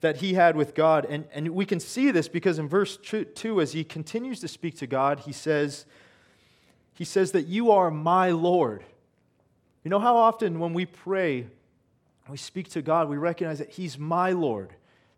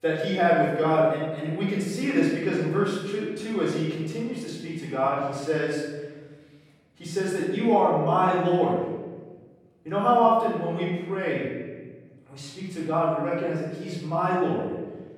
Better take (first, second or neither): first